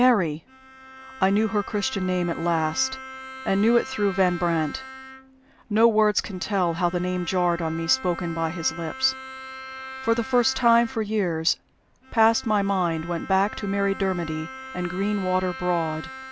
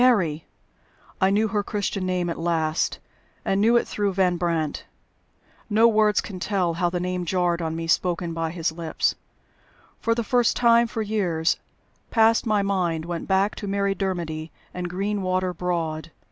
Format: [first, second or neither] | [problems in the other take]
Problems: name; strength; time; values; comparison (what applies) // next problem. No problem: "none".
second | background sound (Bowed string instrument); 15 dB below the speech